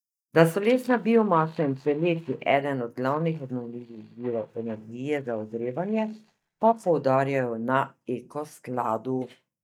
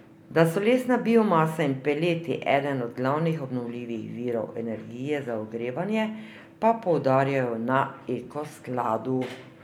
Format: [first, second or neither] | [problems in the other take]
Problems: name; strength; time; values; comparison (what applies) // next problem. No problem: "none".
second | noise reduction (neural mask model DeepFilterNet 3)